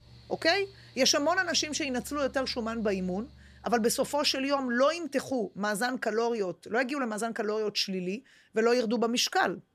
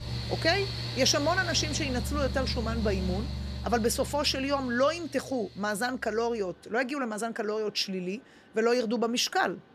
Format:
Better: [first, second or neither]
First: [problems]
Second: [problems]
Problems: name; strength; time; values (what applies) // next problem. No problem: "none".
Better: first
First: machinery noise; faint; throughout; 25 dB below the speech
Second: machinery noise; loud; throughout; 6 dB below the speech